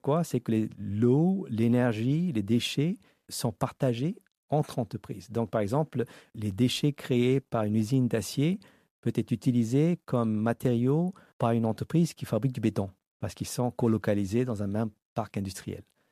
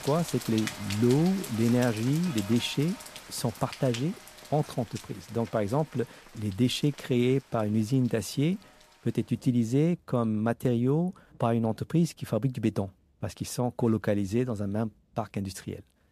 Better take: first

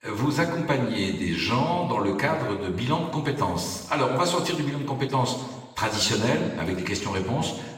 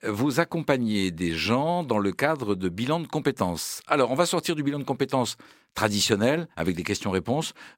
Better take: second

